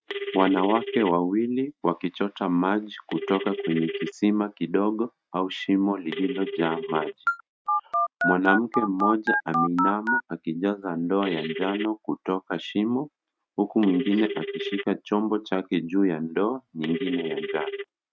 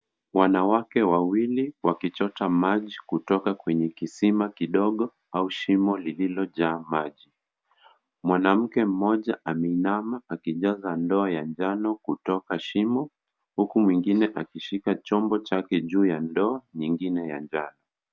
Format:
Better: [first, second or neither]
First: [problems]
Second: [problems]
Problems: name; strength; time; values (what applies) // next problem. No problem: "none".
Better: second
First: noise reduction (neural mask model RNNoise)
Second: none